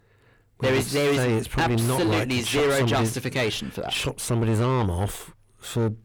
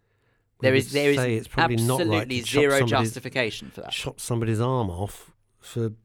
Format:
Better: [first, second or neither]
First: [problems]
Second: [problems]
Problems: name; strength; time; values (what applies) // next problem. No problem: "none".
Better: second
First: distortion; heavy; 7 dB below the speech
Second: none